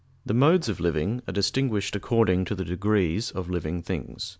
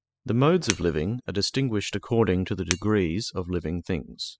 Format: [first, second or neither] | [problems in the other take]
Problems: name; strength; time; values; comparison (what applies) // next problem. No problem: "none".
first | noise reduction (classical method spectral subtraction)